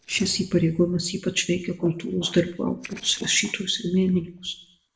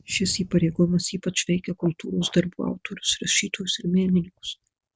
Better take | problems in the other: second | noise reduction (neural separator model SepFormer DNS4)

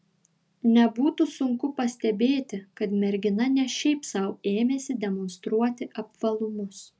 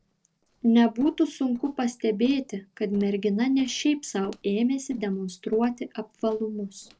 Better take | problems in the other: first | noise reduction (neural separator model SepFormer DNS4)

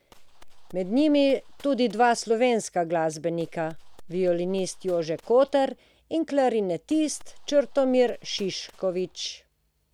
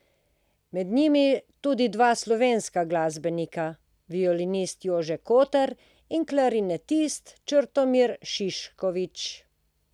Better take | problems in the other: second | background sound (Gunshot, gunfire); 18 dB below the speech

